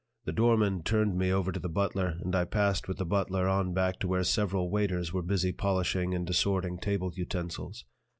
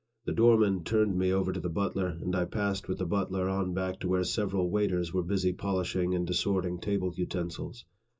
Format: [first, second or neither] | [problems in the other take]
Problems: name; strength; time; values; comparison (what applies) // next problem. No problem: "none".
first | room echo; dies away in 0.2 s